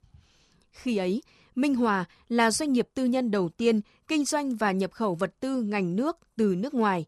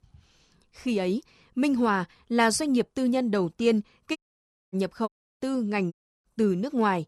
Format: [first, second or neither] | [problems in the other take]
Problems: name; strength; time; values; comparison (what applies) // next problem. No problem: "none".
first | audio cutting out; at 4 s for 0.5 s, at 5 s and at 6 s